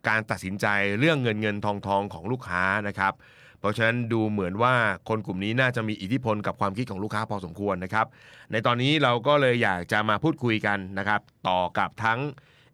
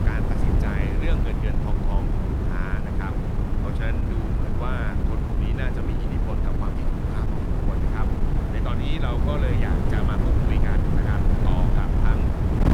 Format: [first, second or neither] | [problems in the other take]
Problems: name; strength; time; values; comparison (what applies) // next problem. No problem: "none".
first | wind noise on the microphone; heavy; 2 dB above the speech